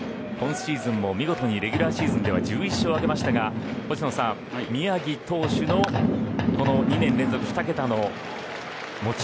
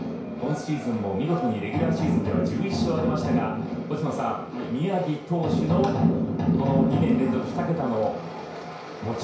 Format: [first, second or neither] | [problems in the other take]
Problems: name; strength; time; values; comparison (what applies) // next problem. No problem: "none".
first | room echo; dies away in 0.6 s